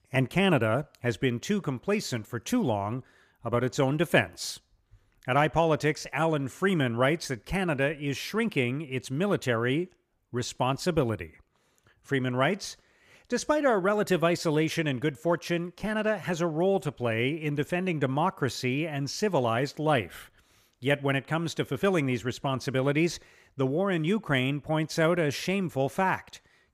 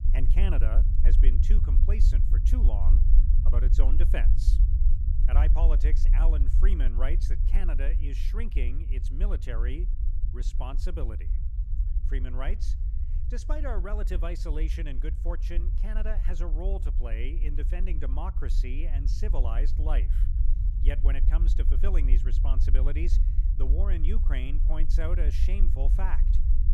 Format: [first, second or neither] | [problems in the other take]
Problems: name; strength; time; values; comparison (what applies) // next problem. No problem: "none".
first | low rumble; loud; throughout; 7 dB below the speech